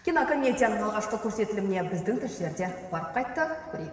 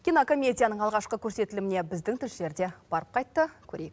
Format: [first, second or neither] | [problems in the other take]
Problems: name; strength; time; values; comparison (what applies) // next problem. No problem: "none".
second | room echo; dies away in 2.1 s